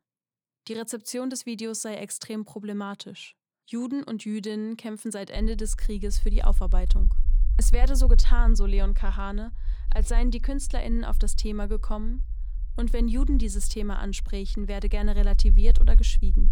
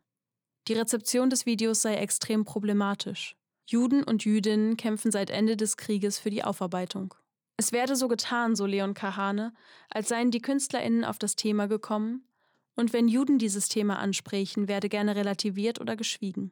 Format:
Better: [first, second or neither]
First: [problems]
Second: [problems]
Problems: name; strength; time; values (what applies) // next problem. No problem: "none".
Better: second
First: low rumble; noticeable; from 5.5 s on; 15 dB below the speech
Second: none